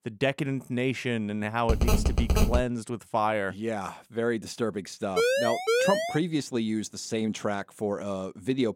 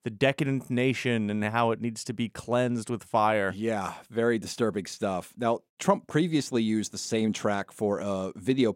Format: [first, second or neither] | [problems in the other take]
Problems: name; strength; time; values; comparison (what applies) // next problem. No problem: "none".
second | phone ringing; loud; at 1.5 s; peak 4 dB above the speech // siren; loud; from 5 to 6 s; peak 5 dB above the speech